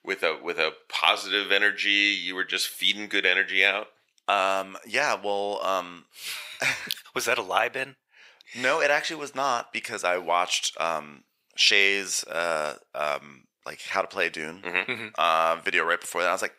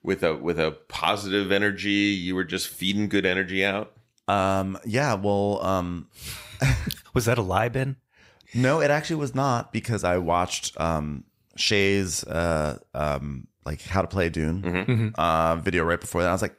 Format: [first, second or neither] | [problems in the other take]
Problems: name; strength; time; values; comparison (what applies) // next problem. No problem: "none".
second | thin; very; fading below 500 Hz